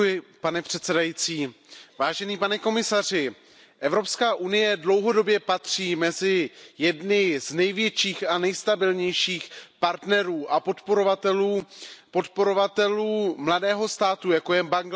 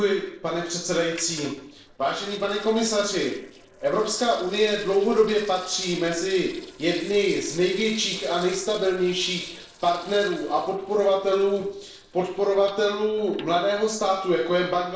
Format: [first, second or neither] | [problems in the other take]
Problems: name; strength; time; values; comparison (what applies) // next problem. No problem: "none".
first | noise reduction (neural separator model SepFormer DNS4)